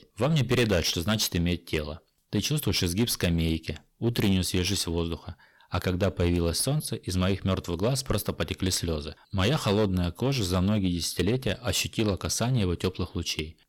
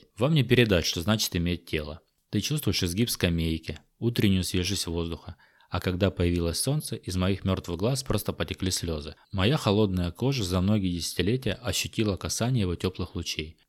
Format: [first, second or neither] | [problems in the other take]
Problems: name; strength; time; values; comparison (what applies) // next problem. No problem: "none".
second | distortion; slight; 8% of the sound clipped